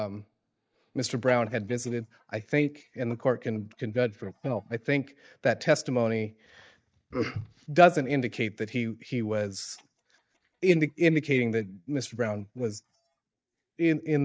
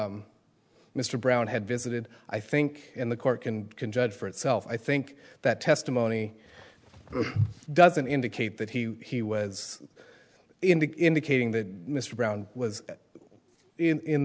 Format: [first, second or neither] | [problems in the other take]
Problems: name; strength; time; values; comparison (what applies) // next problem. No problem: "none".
second | noise reduction (neural mask model DeepFilterNet 3)